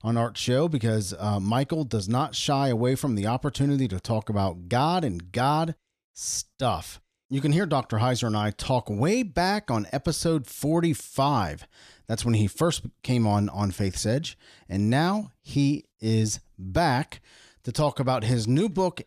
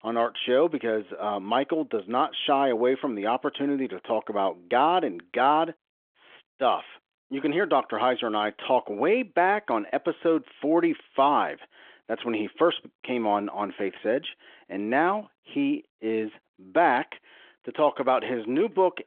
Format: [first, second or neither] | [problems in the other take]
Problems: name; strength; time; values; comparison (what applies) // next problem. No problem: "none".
first | phone-call audio; nothing above 3.5 kHz